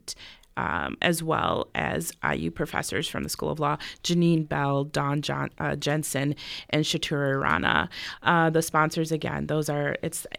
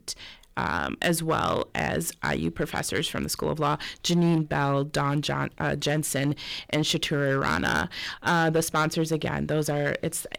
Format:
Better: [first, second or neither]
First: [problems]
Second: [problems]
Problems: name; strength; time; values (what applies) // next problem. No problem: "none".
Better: first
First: none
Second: distortion; slight; 5% of the sound clipped